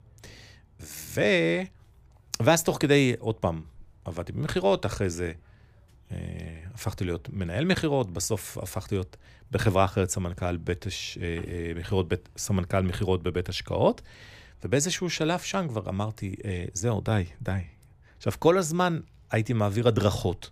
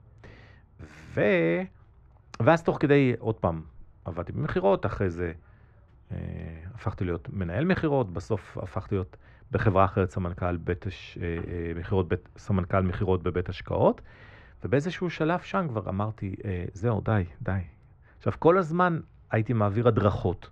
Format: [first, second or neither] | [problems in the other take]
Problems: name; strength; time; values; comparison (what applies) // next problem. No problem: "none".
first | muffled; very; fading above 2 kHz